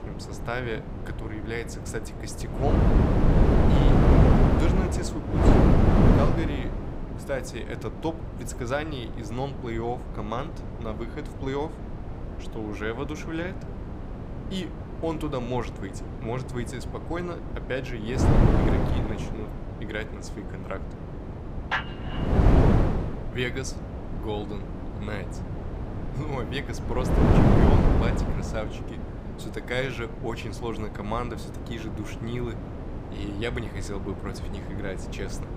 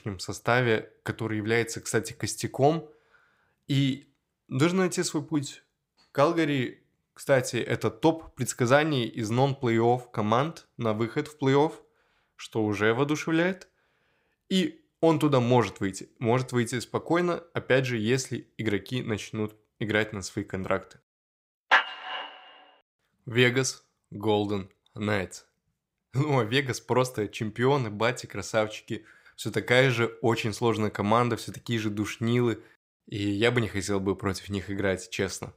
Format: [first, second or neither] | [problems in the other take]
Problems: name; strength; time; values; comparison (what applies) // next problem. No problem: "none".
second | wind noise on the microphone; heavy; 2 dB above the speech